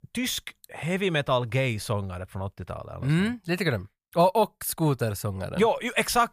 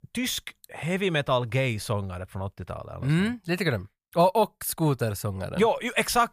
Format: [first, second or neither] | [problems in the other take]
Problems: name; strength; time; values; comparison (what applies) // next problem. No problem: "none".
neither | none